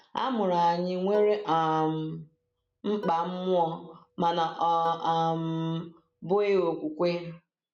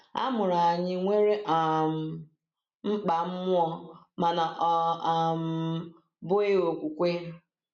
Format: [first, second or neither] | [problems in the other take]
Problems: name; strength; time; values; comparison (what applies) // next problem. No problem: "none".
second | background sound (Plucked string instrument); 19 dB below the speech